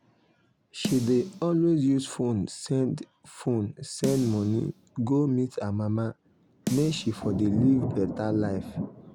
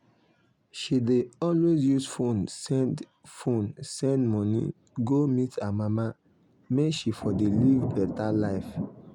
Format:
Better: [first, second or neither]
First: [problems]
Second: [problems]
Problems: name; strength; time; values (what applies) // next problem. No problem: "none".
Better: second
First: background sound (Snare drum); 13 dB below the speech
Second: none